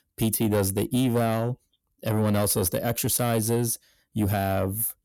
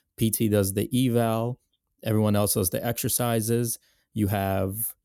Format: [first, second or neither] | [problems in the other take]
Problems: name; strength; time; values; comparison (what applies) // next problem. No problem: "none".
second | distortion; slight; 10 dB below the speech